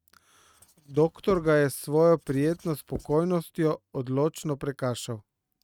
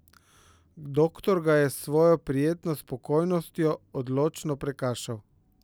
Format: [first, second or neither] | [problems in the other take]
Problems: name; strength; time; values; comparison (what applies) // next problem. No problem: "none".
second | noise reduction (neural mask model RNNoise)